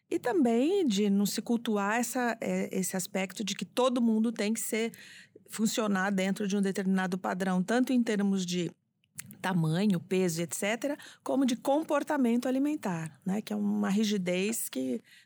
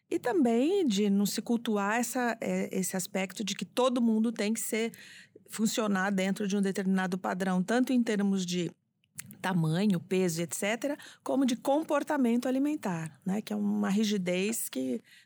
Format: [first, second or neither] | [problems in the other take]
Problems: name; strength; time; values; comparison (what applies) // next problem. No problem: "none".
neither | none